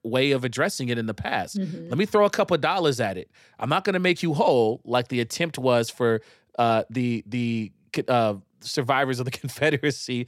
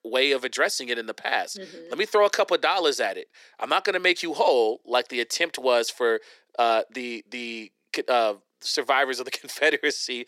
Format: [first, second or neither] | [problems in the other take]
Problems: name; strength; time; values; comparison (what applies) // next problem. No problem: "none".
first | thin; somewhat; fading below 350 Hz